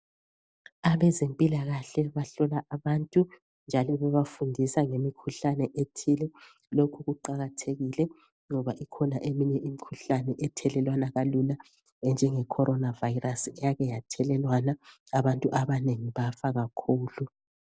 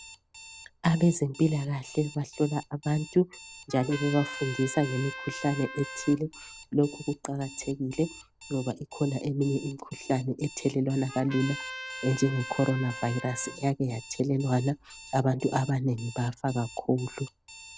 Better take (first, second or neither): first